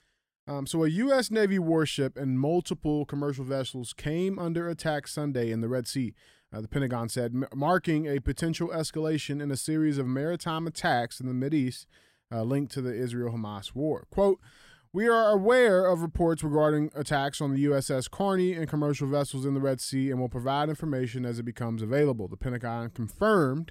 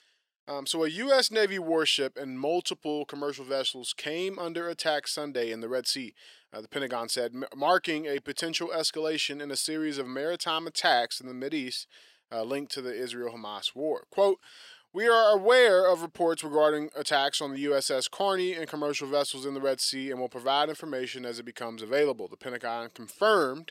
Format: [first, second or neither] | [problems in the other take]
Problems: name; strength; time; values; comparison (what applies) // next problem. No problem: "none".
first | thin; somewhat; fading below 500 Hz